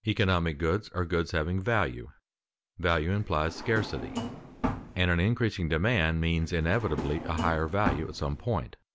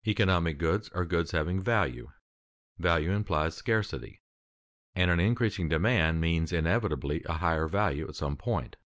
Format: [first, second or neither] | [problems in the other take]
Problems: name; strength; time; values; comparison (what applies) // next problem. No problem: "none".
second | background sound (Drawer open or close); 8 dB below the speech